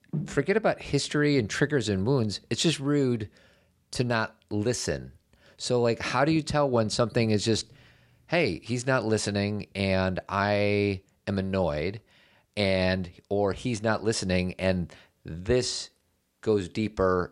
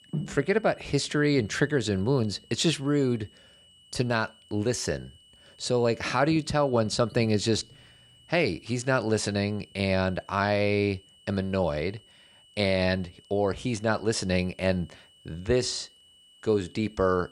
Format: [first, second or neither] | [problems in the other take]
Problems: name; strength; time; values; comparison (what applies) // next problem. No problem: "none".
first | high-pitched whine; faint; throughout; 3 kHz, 30 dB below the speech